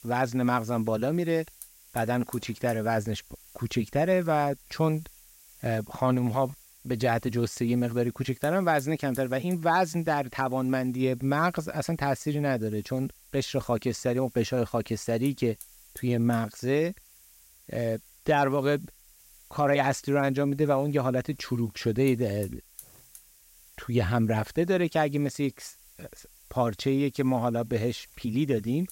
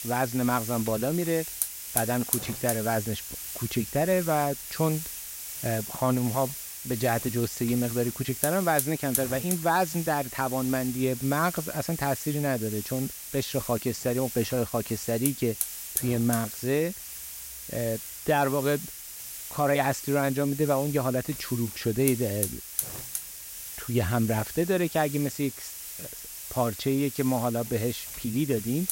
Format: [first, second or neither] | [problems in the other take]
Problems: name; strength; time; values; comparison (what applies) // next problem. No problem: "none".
first | hiss; loud; throughout; 6 dB below the speech; faint in the first